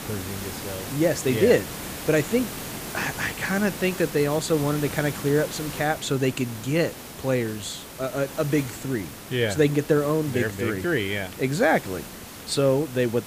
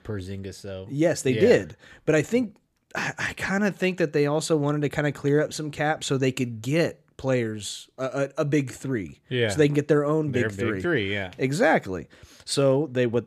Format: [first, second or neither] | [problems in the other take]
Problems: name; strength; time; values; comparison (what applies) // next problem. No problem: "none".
second | hiss; noticeable; throughout; 10 dB below the speech